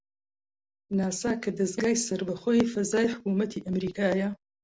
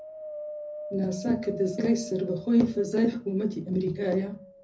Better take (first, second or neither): first